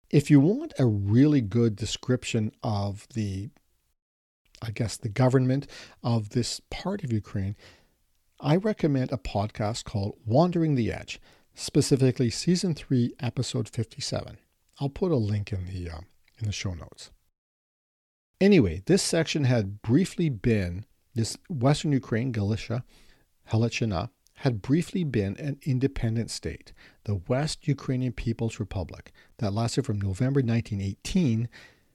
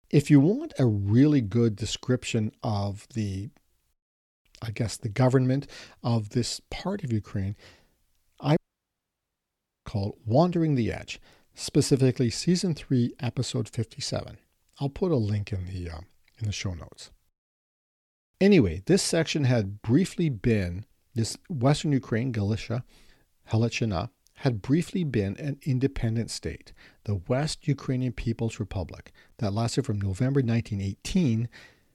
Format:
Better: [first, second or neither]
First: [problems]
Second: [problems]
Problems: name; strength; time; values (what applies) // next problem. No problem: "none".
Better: first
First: none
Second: audio cutting out; at 8.5 s for 1.5 s